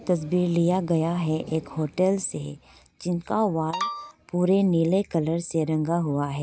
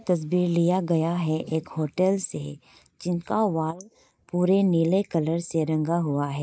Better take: first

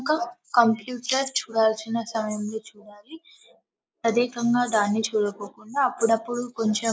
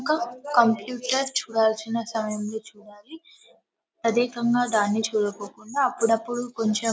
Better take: second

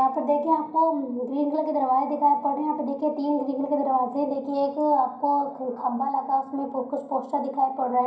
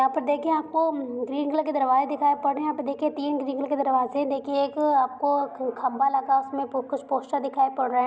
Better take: second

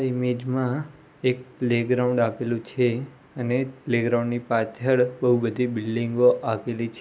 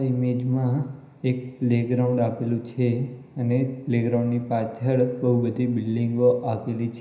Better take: first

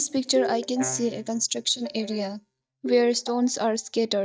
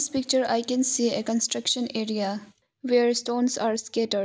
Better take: second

